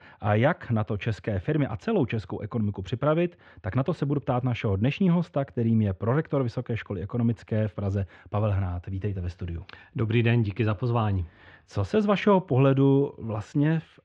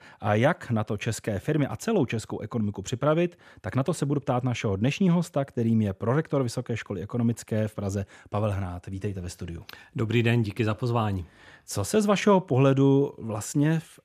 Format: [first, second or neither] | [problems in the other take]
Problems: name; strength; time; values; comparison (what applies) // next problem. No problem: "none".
second | muffled; slightly; fading above 3.5 kHz